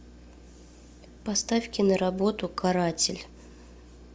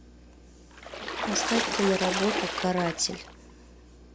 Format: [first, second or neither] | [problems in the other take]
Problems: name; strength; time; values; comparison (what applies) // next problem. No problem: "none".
first | background sound (Water / Splash, splatter); 1 dB below the speech